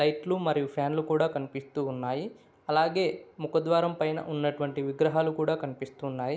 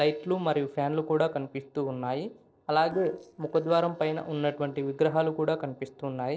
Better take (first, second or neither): first